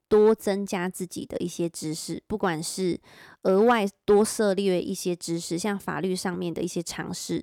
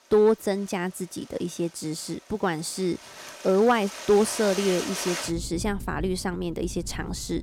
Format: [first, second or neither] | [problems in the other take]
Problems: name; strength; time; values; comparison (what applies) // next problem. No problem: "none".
first | rain or running water; loud; throughout; 9 dB below the speech